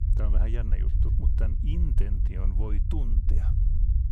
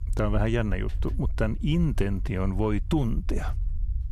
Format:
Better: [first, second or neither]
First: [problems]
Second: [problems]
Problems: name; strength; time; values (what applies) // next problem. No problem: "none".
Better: second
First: low rumble; loud; throughout; 2 dB below the speech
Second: low rumble; faint; throughout; 20 dB below the speech